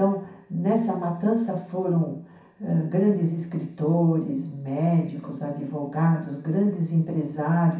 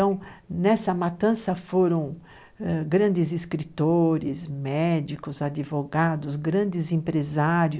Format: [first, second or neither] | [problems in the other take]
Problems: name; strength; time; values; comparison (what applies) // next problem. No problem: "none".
second | room echo; dies away in 0.6 s